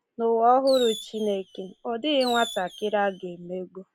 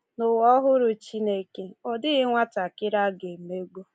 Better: second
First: background sound (Fireworks); 14 dB below the speech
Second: none

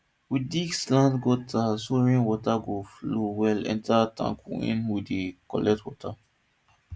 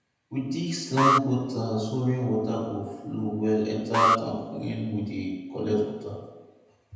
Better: first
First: none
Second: background sound (Alarm); as loud as the speech // room echo; dies away in 1 s

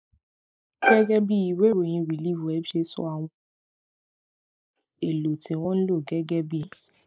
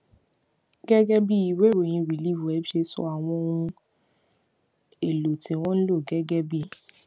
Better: second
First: noise reduction (neural mask model Resemble Enhance denoiser)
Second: none

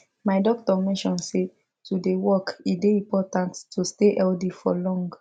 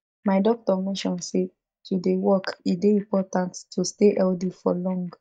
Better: first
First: none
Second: noise reduction (neural mask model DeepFilterNet 3)

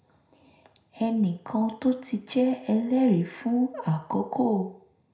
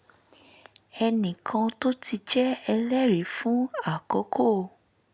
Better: second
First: room echo; dies away in 0.4 s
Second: none

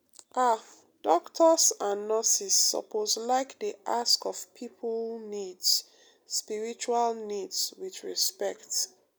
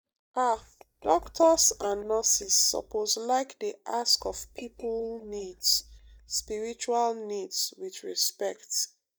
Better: first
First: none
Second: noise reduction (neural mask model DeepFilterNet 3)

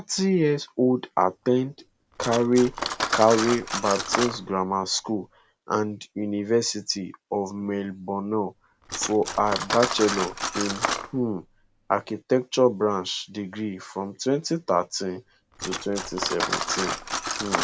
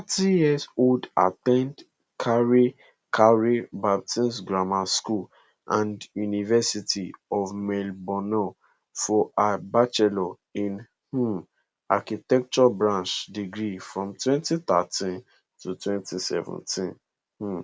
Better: second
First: background sound (Cutlery, silverware); 8 dB below the speech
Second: none

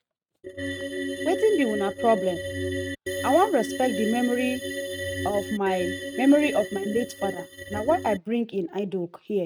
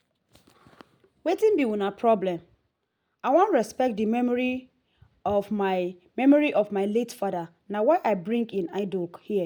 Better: second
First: noise reduction (neural mask model RNNoise)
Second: none

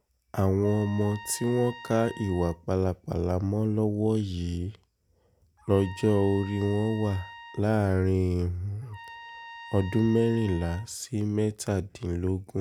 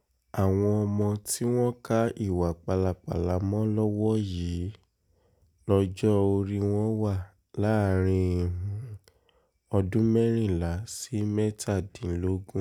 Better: second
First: background sound (Trumpet); 18 dB below the speech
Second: none

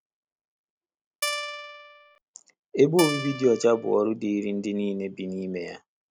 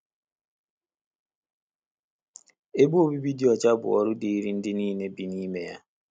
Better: second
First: background sound (Guitar); 6 dB below the speech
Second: none

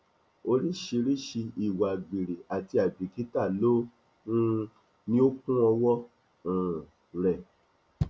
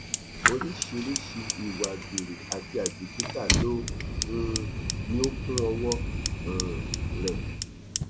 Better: first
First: none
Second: background sound (Fire); 3 dB above the speech

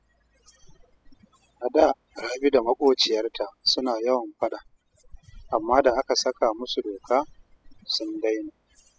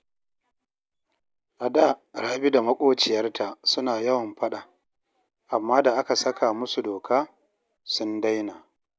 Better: second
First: noise reduction (classical method spectral subtraction)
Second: none

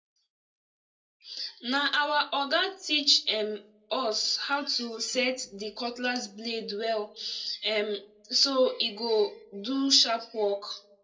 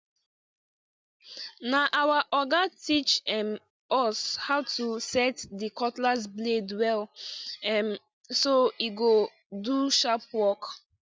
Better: second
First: room echo; dies away in 0.2 s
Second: none

